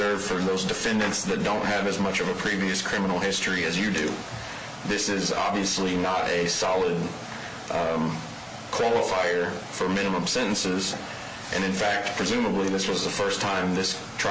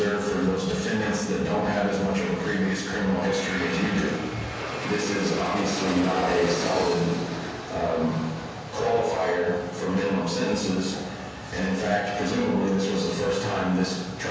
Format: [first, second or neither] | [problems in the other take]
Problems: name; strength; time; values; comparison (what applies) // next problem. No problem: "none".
first | background sound (Aircraft); 11 dB below the speech // room echo; dies away in 1.2 s